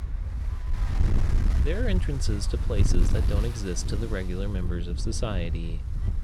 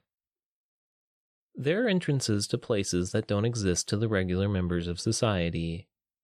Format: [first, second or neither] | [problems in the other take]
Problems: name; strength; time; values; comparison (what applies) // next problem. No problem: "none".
second | wind noise on the microphone; heavy; 7 dB below the speech